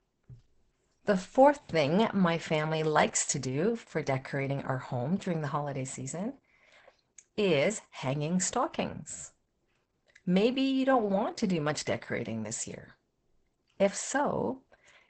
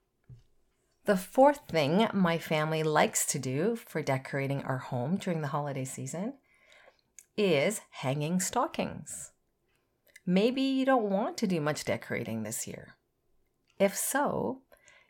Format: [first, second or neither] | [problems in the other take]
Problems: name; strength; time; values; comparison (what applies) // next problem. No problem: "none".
second | garbled, watery; badly; nothing above 8 kHz